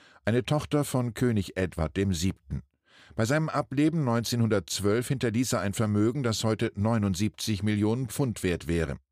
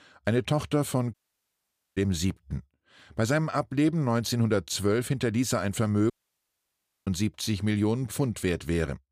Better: first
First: none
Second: audio cutting out; at 1 s for 1 s and at 6 s for 1 s

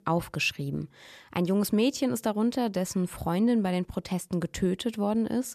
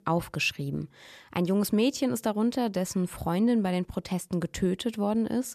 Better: neither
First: none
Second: none

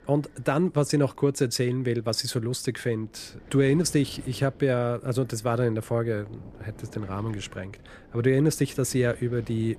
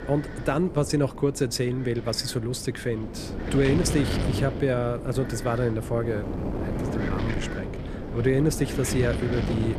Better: first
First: wind noise on the microphone; occasional gusts; 25 dB below the speech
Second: wind noise on the microphone; heavy; 7 dB below the speech

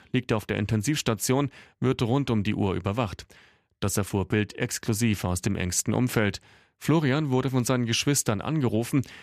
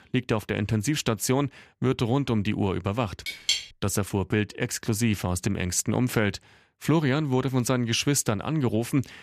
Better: first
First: none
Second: clattering dishes; loud; at 3.5 s; peak level with the speech

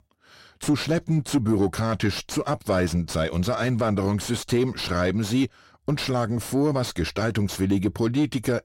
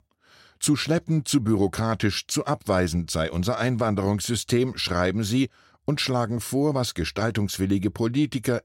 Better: second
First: distortion; slight; 10 dB below the speech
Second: none

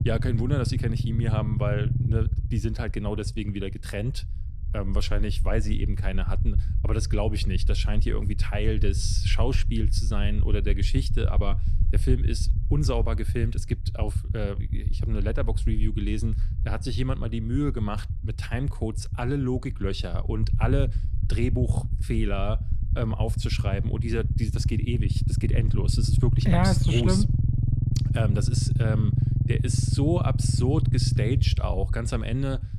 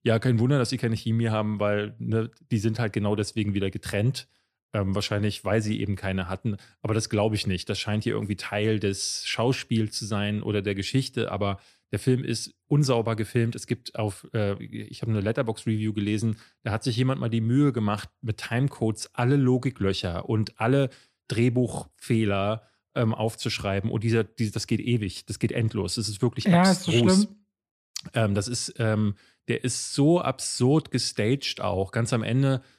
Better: second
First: low rumble; loud; throughout; 8 dB below the speech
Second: none

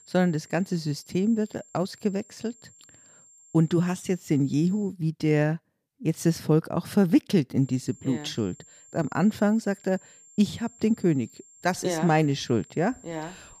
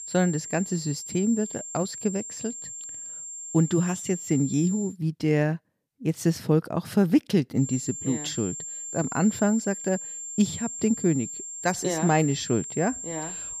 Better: first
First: high-pitched whine; faint; until 5 s and from 7.5 s on; 7.5 kHz, 25 dB below the speech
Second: high-pitched whine; loud; until 5 s and from 7.5 s on; 7.5 kHz, 8 dB below the speech

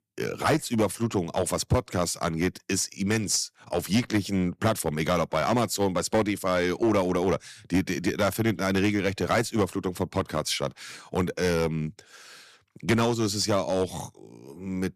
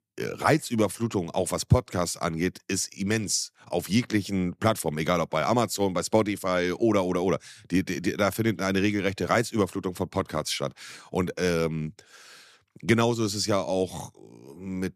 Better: second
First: distortion; slight; 4% of the sound clipped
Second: none

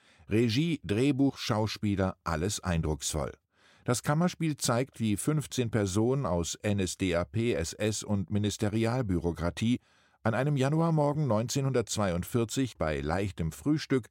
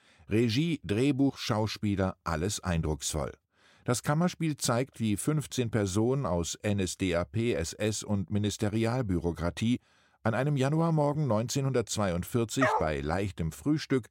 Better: first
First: none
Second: dog barking; loud; at 13 s; peak 1 dB above the speech

